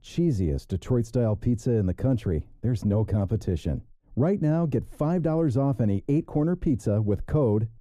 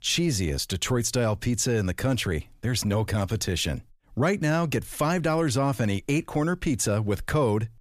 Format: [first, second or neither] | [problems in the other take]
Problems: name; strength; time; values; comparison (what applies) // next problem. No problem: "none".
second | muffled; very; fading above 1 kHz